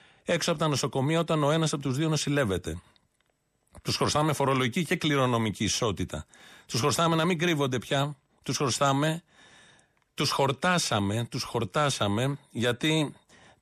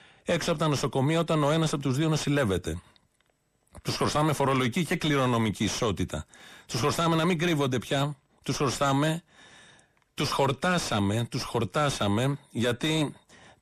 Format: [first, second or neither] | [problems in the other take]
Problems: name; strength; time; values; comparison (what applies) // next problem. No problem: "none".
first | distortion; slight; 10 dB below the speech